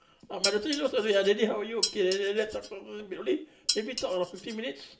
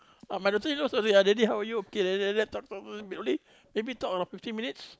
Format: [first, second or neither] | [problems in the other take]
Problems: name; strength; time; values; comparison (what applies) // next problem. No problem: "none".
second | background sound (Dishes, pots, and pans); 7 dB below the speech // room echo; dies away in 0.4 s